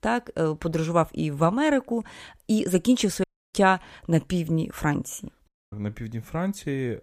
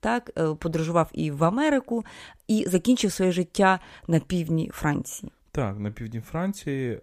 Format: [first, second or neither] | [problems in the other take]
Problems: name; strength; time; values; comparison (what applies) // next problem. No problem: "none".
second | audio cutting out; at 3 s and at 5.5 s